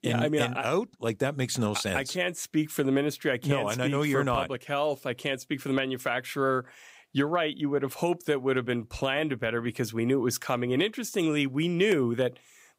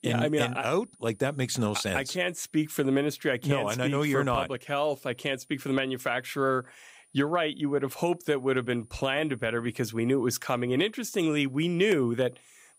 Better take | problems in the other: first | high-pitched whine; faint; throughout; 9.5 kHz, 30 dB below the speech

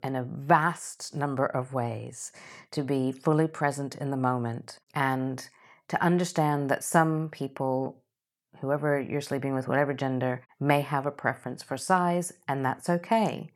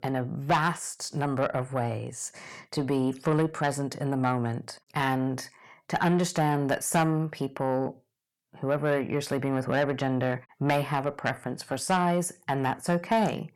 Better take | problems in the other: first | distortion; slight; 10 dB below the speech

